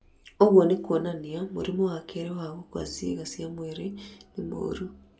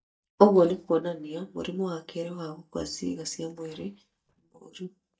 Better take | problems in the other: first | noise reduction (neural mask model DeepFilterNet 3)

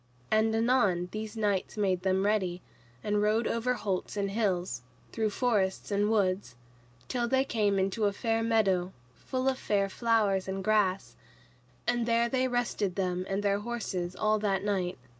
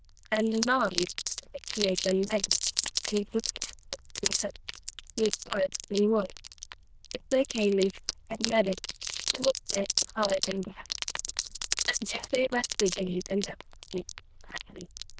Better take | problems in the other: first | noise reduction (neural diffusion model UNIVERSE++)

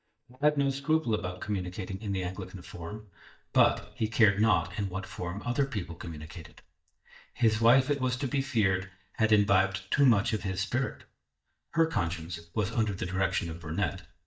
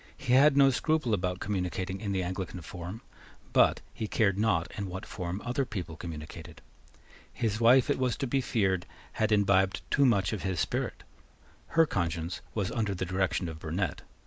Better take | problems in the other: second | noise reduction (neural mask model DeepFilterNet 3)

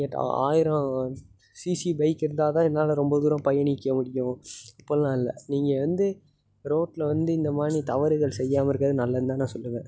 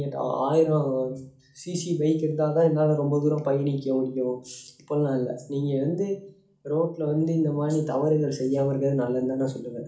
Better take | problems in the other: first | room echo; dies away in 0.4 s

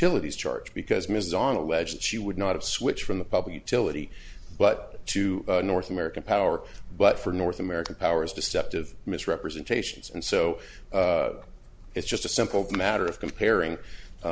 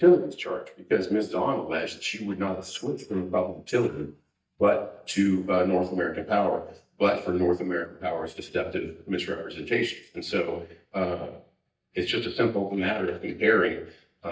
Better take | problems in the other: first | noise reduction (neural mask model DeepFilterNet 3)

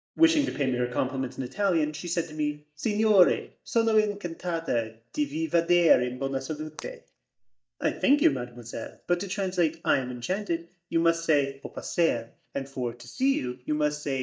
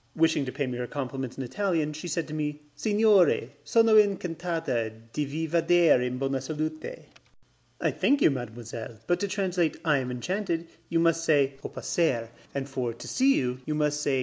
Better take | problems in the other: second | noise reduction (neural mask model DeepFilterNet 3)

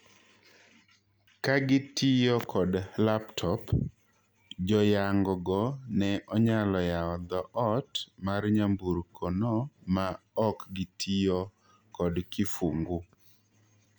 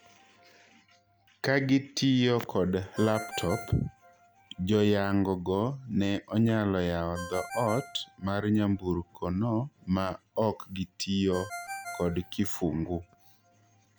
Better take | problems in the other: first | background sound (Ringtone); 17 dB below the speech

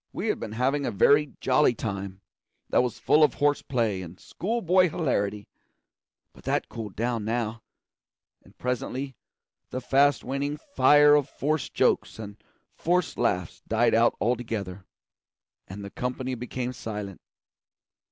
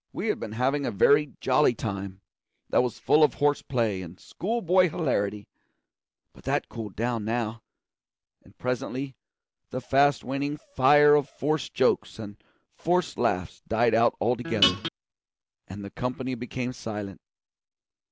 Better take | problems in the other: first | background sound (Guitar); 2 dB above the speech

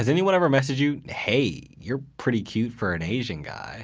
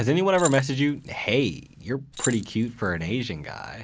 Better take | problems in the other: first | background sound (Keys jangling); 13 dB below the speech

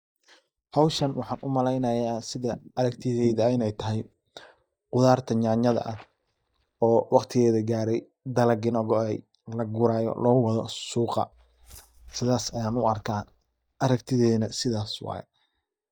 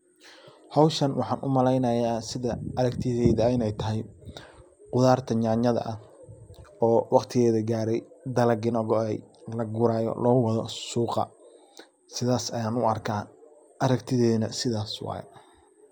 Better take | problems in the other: second | noise reduction (neural mask model DeepFilterNet 3)

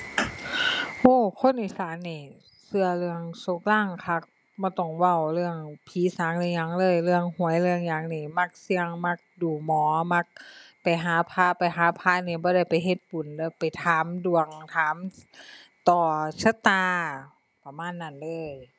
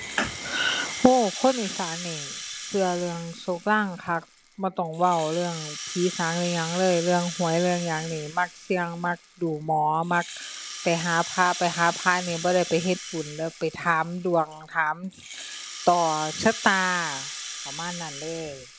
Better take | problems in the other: first | background sound (Rattle (instrument)); 11 dB below the speech

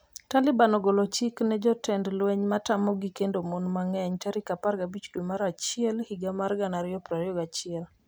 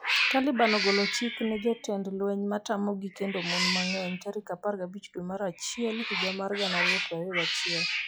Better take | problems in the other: first | noise reduction (classical method log-MMSE)

